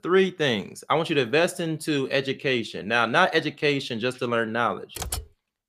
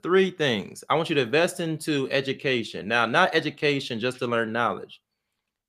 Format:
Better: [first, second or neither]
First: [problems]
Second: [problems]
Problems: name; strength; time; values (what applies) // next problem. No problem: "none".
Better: second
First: keyboard typing; noticeable; at 5 s; peak 8 dB below the speech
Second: none